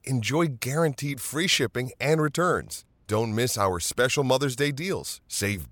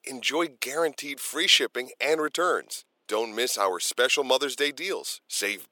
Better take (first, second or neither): first